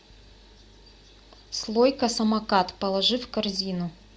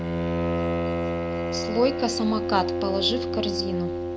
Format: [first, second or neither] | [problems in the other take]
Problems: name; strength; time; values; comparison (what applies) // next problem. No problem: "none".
first | background sound (Bowed string instrument); 1 dB above the speech